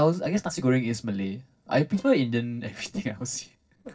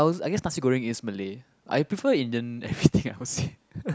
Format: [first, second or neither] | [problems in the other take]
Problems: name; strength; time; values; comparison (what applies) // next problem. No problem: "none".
second | noise reduction (neural separator model SepFormer DNS4)